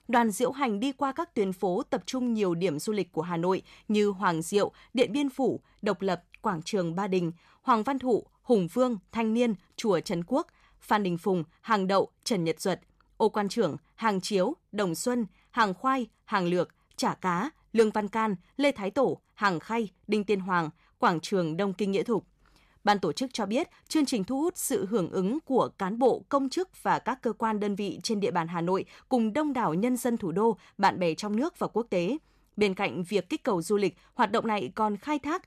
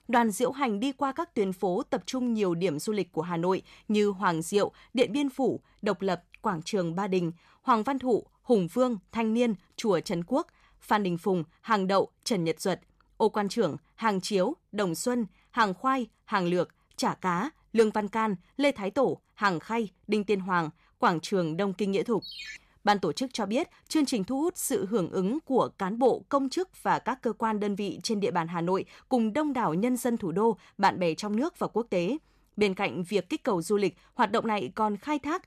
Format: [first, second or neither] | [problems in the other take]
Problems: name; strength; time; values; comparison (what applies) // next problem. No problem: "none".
first | phone ringing; faint; at 22 s; peak 10 dB below the speech